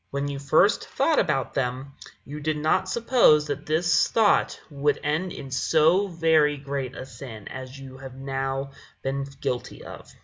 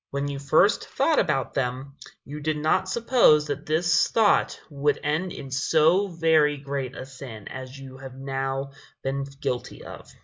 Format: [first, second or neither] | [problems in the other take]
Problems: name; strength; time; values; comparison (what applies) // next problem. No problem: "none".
first | noise reduction (neural mask model Resemble Enhance denoiser)